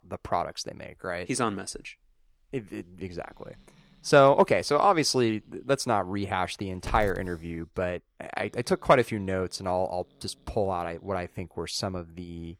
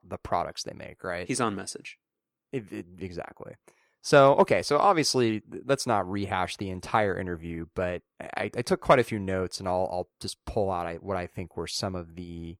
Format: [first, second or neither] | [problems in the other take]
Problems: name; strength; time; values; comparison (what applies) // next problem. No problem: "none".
second | hiss; faint; throughout; 20 dB below the speech